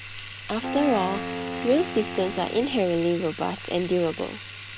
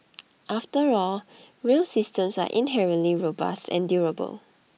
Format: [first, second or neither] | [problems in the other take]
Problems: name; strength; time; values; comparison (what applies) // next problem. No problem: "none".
second | background sound (Wind instrument, woodwind instrument + Bathtub (filling or washing)); 8 dB below the speech